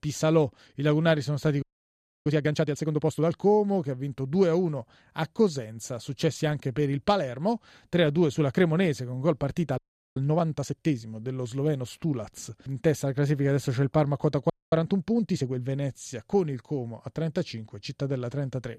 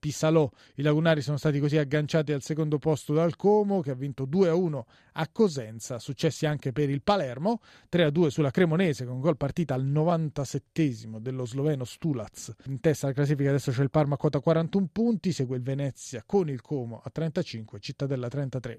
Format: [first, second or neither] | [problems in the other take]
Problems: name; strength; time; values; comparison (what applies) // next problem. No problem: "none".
second | audio freezing; at 1.5 s for 0.5 s, at 10 s and at 15 s